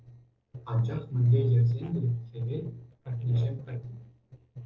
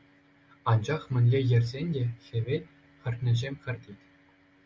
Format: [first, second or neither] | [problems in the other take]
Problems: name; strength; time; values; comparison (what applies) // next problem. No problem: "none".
second | noise reduction (neural separator model SepFormer DNS4)